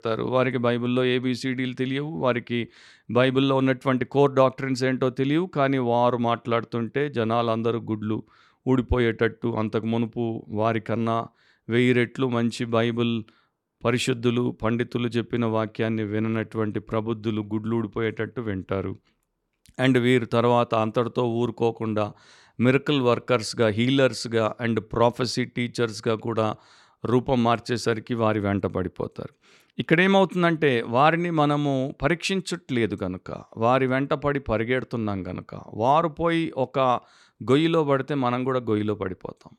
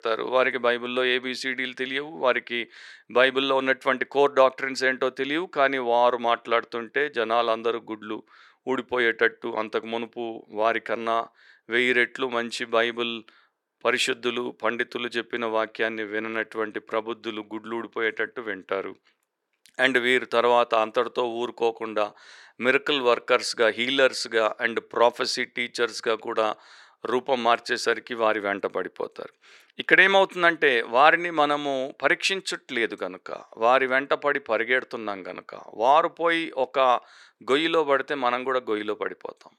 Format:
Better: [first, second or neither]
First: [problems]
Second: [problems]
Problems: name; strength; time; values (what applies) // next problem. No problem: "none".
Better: first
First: none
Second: thin; somewhat; fading below 500 Hz